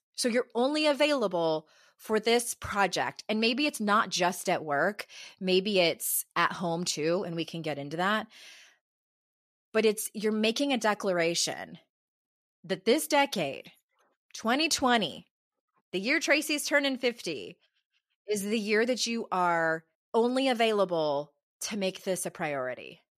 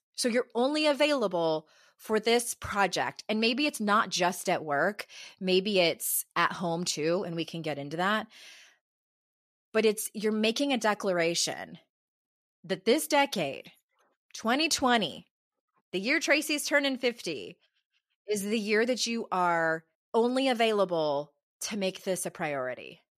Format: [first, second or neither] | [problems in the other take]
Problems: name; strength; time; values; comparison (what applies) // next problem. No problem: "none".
neither | none